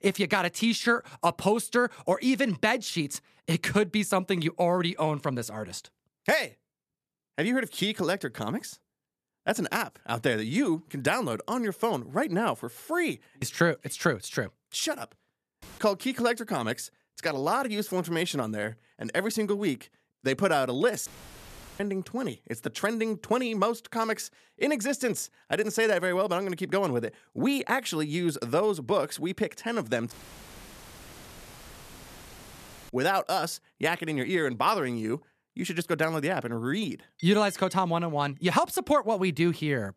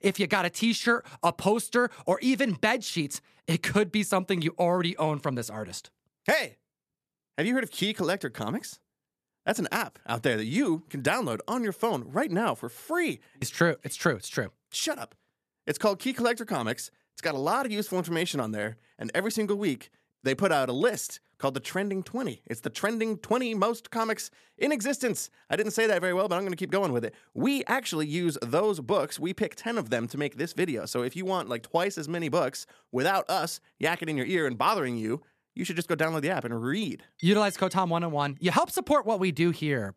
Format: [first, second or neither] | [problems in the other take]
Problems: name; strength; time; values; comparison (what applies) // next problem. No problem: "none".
second | audio cutting out; filled with static; at 16 s, at 21 s for 0.5 s and at 30 s for 3 s